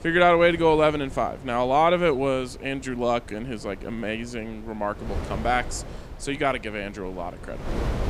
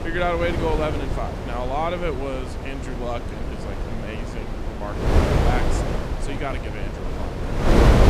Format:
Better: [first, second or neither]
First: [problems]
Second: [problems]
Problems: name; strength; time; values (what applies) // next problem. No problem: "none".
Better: first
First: wind noise on the microphone; occasional gusts; 20 dB below the speech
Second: wind noise on the microphone; heavy; 1 dB below the speech